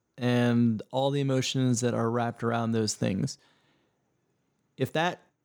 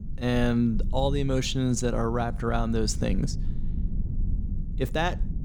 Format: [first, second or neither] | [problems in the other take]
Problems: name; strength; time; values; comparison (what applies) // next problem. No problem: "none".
first | low rumble; noticeable; throughout; 20 dB below the speech